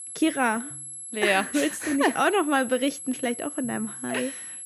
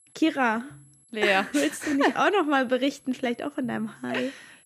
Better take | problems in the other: second | high-pitched whine; loud; throughout; 11 kHz, 10 dB below the speech; faint in the second

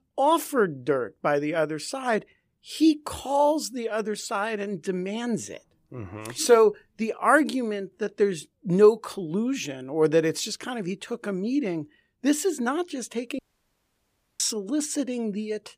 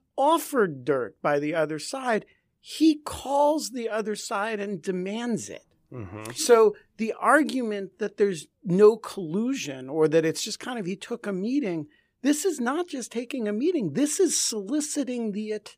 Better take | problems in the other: second | audio cutting out; at 13 s for 1 s

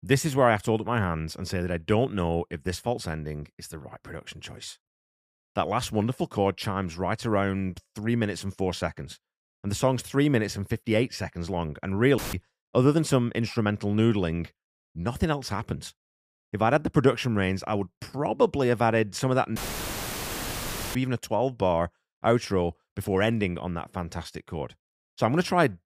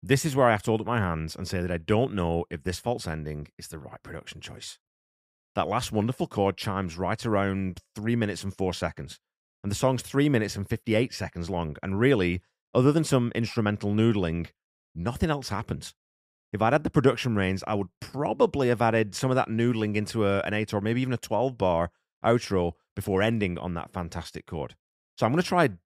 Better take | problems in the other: second | audio cutting out; filled with static; at 12 s and at 20 s for 1.5 s

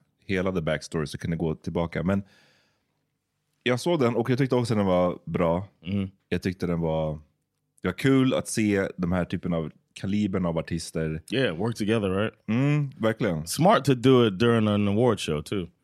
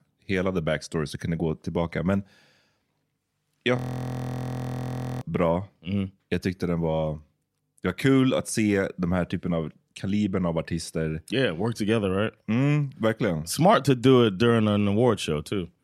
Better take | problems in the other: first | audio freezing; at 4 s for 1.5 s

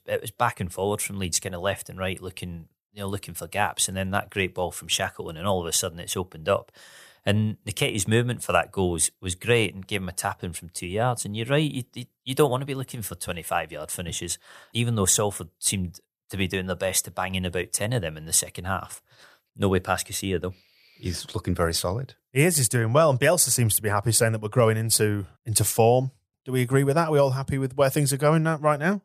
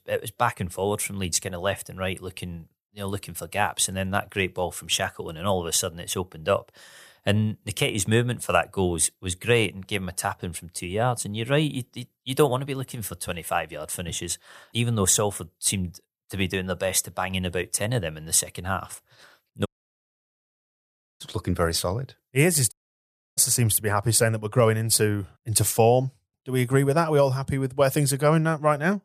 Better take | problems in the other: first | audio cutting out; at 20 s for 1.5 s and at 23 s for 0.5 s

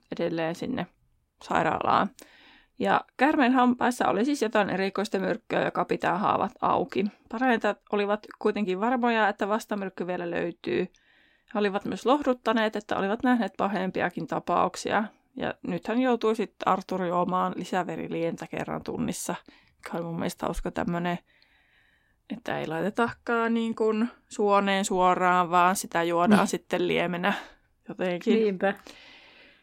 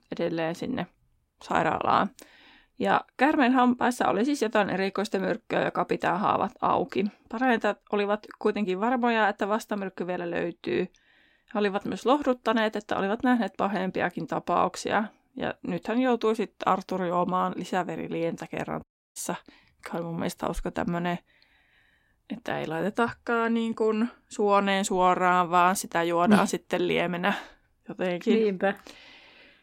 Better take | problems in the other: first | audio cutting out; at 19 s

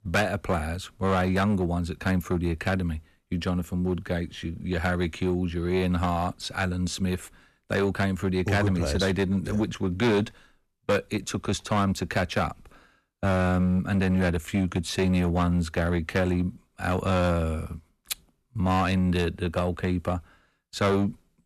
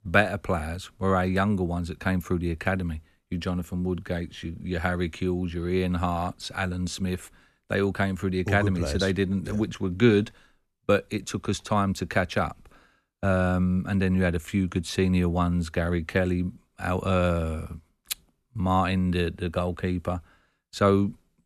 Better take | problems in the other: second | distortion; slight; 6% of the sound clipped

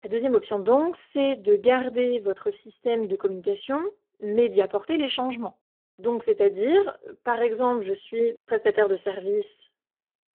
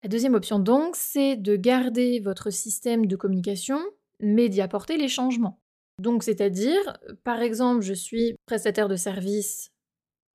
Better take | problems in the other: second | phone-call audio; poor line

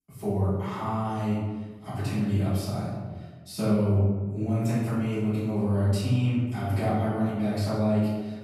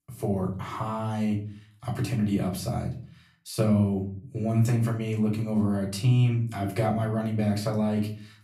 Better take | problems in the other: second | room echo; strong; dies away in 1.2 s; slight in the second // off-mic speech; far; far in the second

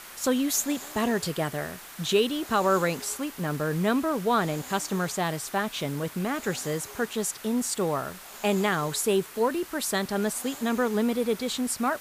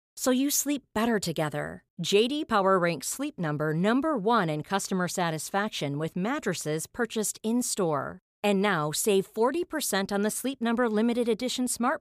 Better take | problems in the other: second | hiss; noticeable; throughout; 15 dB below the speech

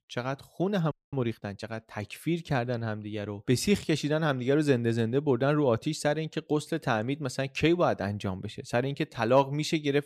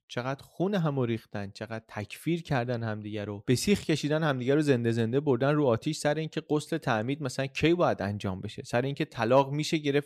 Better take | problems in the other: second | audio freezing; at 1 s

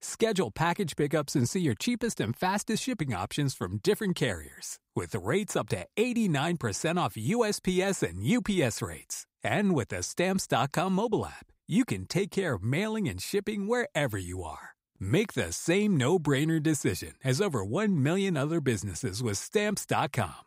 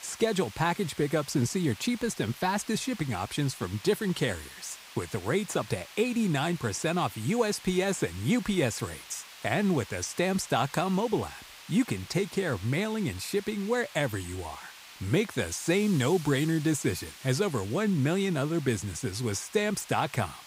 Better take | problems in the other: first | hiss; noticeable; throughout; 15 dB below the speech

